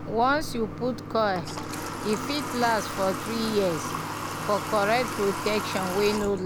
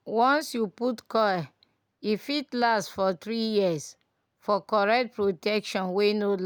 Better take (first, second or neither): second